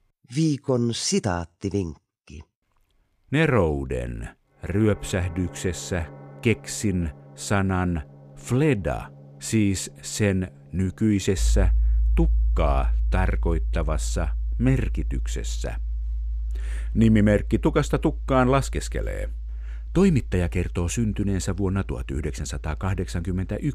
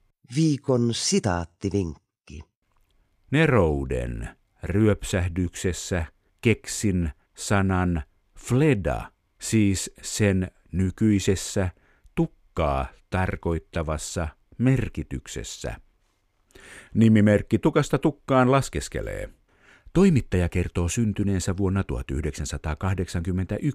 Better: second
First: background music; loud; from 5 s on; 4 dB below the speech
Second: none

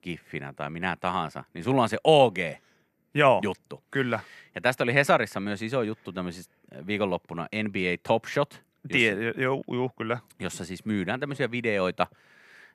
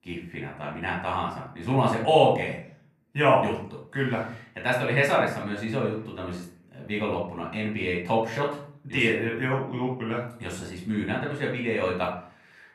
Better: first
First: none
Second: off-mic speech; far // room echo; slight; dies away in 0.5 s

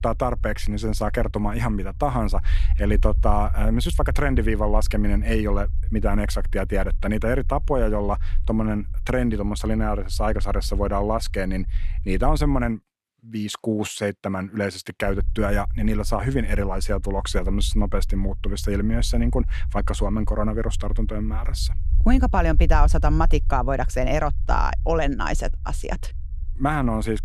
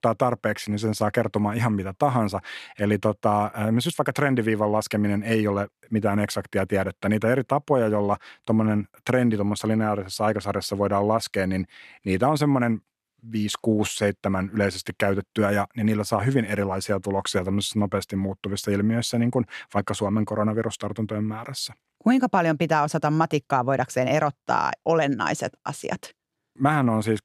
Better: second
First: low rumble; faint; until 13 s and from 15 s on; 25 dB below the speech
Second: none

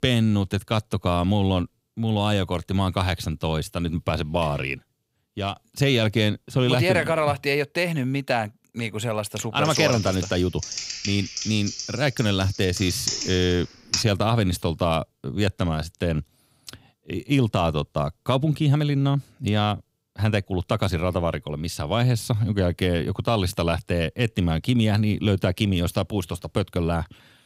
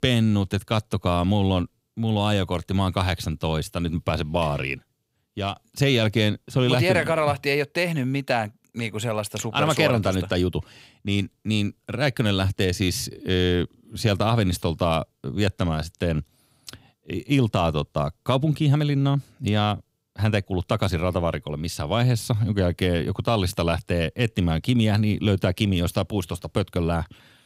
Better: second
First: keyboard typing; noticeable; from 9.5 to 14 s; peak 2 dB below the speech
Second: none

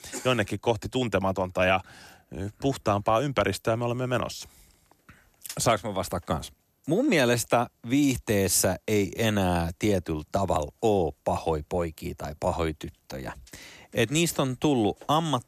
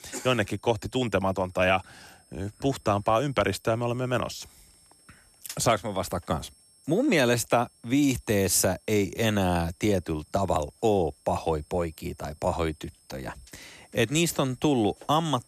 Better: first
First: none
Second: high-pitched whine; faint; throughout; 8.5 kHz, 30 dB below the speech

